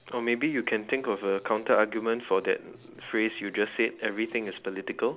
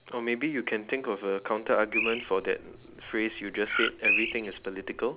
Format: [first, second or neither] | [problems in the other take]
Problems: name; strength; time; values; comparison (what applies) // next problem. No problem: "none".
first | background sound (Bird); 3 dB below the speech